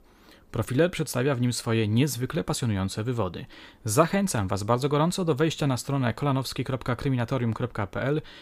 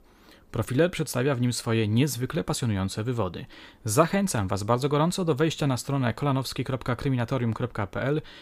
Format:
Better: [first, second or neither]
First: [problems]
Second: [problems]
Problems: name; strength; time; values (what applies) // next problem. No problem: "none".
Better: neither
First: none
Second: none